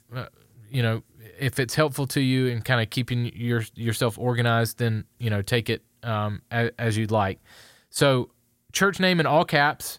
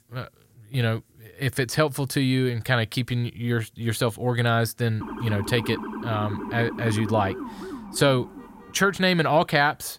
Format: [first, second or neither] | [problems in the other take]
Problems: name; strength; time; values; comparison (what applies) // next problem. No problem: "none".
first | siren; noticeable; from 5 to 9 s; peak 8 dB below the speech